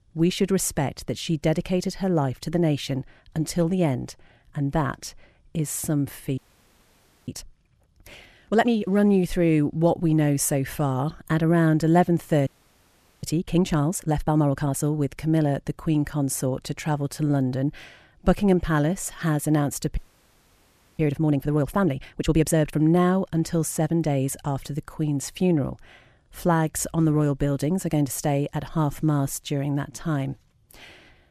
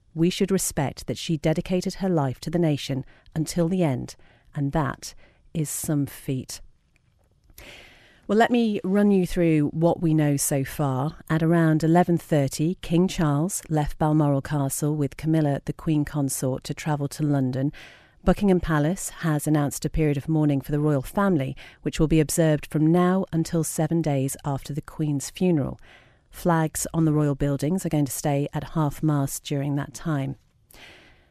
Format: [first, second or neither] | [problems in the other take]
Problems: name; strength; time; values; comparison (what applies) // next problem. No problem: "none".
second | audio freezing; at 6.5 s for 1 s, at 12 s for 1 s and at 20 s for 1 s